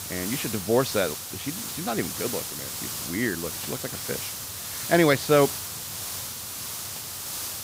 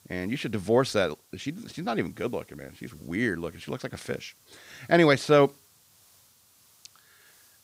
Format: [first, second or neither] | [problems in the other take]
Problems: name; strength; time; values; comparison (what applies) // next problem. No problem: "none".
second | hiss; loud; throughout; 5 dB below the speech; faint in the second